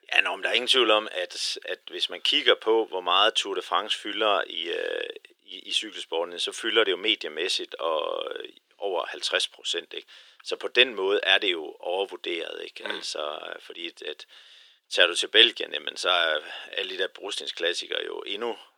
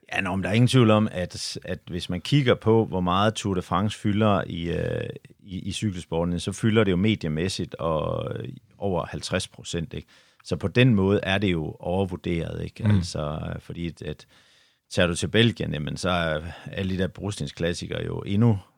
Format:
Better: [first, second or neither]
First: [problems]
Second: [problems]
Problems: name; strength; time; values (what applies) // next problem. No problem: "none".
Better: second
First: thin; very; fading below 350 Hz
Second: none